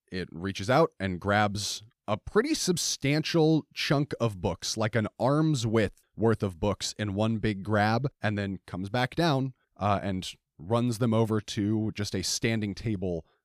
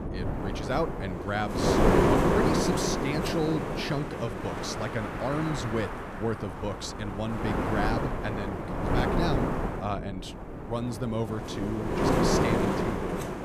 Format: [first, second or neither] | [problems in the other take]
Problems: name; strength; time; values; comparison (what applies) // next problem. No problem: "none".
first | wind noise on the microphone; heavy; 4 dB above the speech